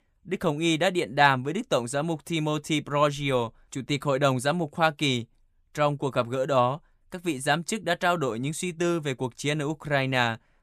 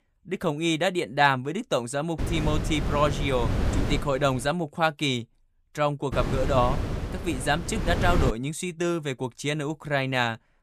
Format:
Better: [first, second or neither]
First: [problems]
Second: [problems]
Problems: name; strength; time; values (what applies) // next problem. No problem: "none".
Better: first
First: none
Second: wind noise on the microphone; heavy; from 2 to 4.5 s and from 6 to 8.5 s; 9 dB below the speech